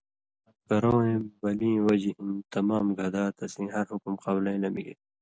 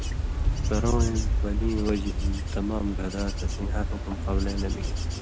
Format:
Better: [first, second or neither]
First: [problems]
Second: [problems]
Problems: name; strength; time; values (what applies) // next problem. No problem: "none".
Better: first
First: none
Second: background sound (Wind / Bird / Insect); 5 dB above the speech